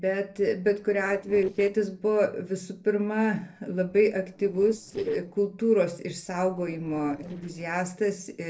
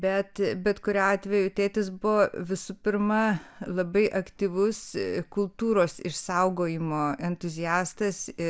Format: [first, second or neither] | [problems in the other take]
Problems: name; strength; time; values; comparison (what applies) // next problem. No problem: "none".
second | noise reduction (neural separator model SepFormer DNS4)